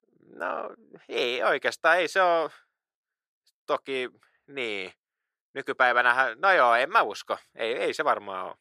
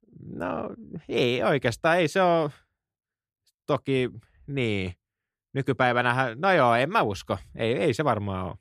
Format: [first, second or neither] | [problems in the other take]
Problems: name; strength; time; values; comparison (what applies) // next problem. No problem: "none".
second | thin; very; fading below 550 Hz